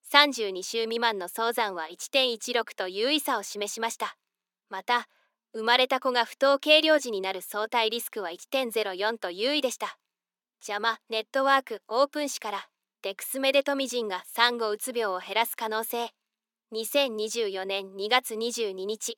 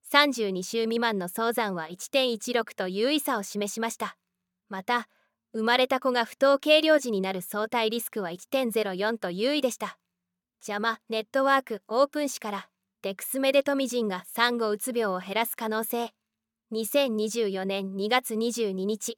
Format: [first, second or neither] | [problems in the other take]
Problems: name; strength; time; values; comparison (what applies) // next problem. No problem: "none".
second | thin; very slightly; fading below 250 Hz